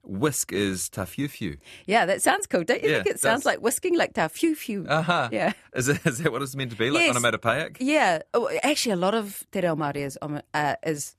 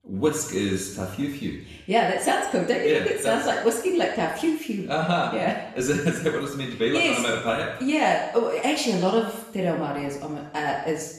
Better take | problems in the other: first | room echo; noticeable; dies away in 0.9 s // off-mic speech; far

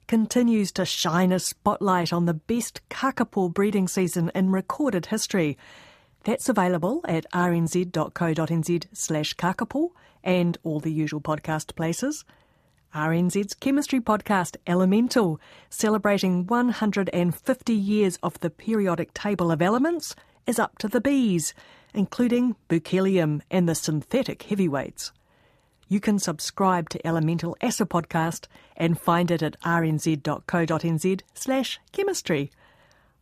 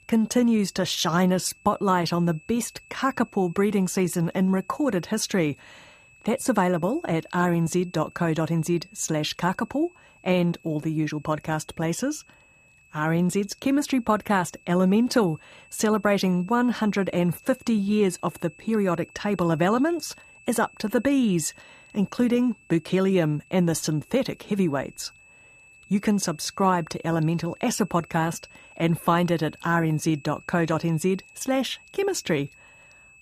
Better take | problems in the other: first | high-pitched whine; faint; throughout; 2.5 kHz, 25 dB below the speech

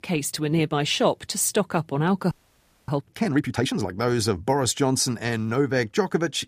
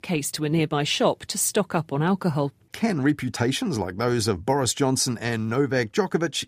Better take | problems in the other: second | audio freezing; at 2.5 s for 0.5 s

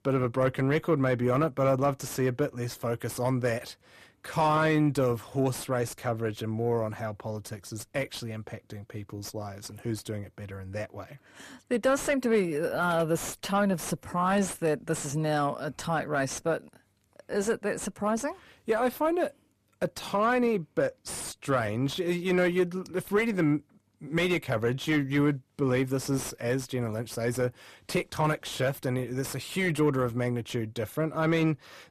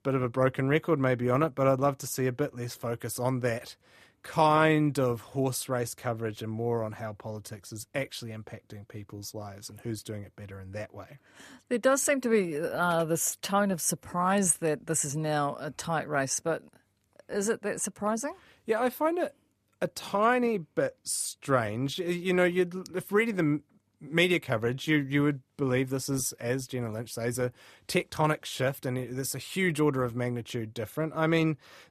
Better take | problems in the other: second | distortion; slight; 10 dB below the speech

